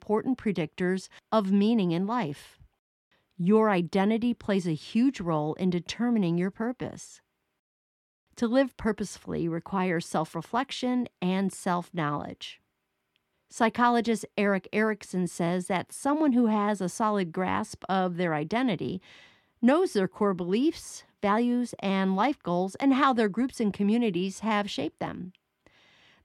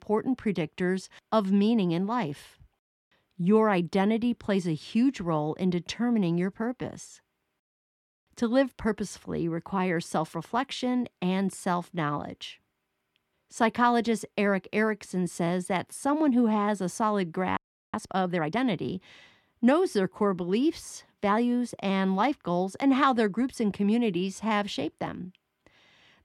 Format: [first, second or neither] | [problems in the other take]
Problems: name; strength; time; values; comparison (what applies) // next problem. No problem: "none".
first | audio freezing; at 18 s